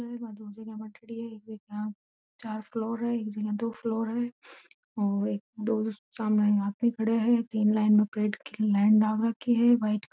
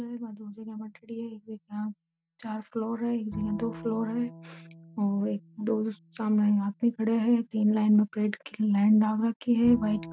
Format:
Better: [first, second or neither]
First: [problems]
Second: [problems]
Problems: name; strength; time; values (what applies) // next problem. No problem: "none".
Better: first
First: none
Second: background sound (Bowed string instrument); 19 dB below the speech